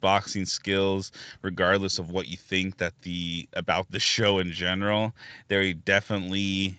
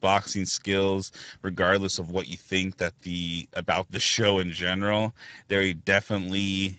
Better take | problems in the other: first | garbled, watery; badly; nothing above 7.5 kHz; slightly in the first

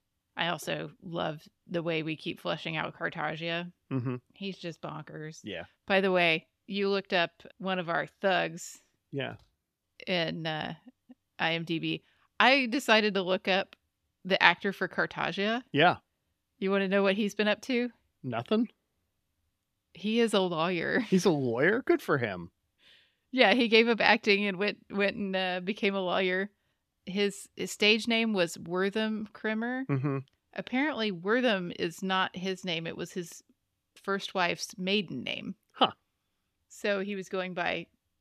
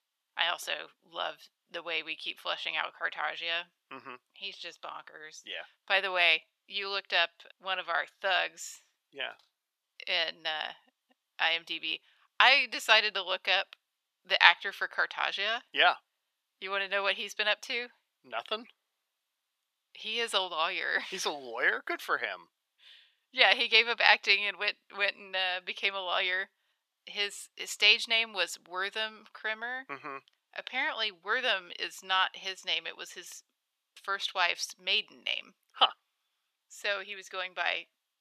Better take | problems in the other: first | thin; very; fading below 900 Hz

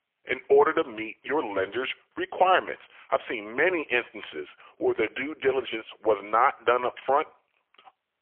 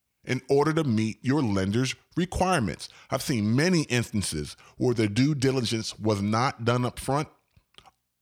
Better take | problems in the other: second | phone-call audio; poor line; nothing above 3 kHz

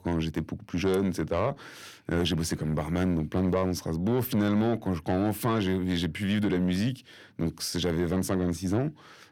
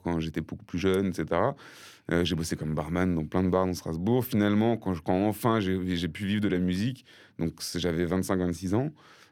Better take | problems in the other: second | distortion; slight; 10 dB below the speech

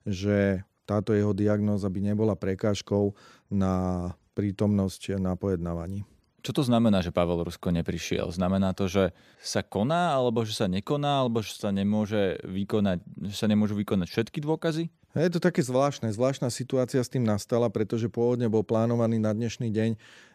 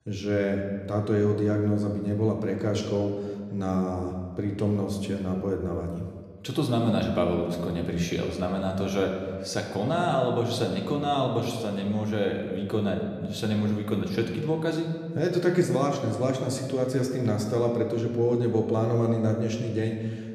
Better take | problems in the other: first | room echo; slight; dies away in 1.3 s // off-mic speech; somewhat distant

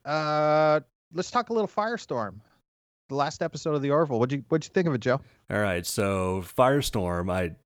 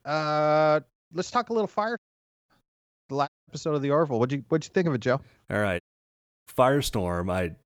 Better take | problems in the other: first | audio cutting out; at 2 s for 0.5 s, at 3.5 s and at 6 s for 0.5 s

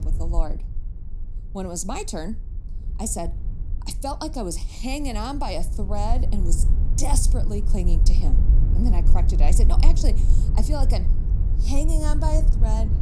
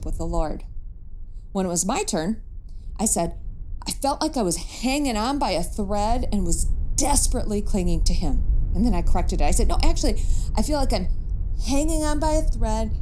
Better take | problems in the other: second | low rumble; loud; throughout; 10 dB below the speech; faint in the second

